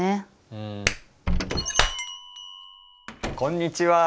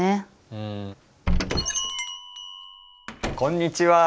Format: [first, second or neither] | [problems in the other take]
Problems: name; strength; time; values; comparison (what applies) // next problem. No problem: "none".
second | background sound (Clapping); 4 dB below the speech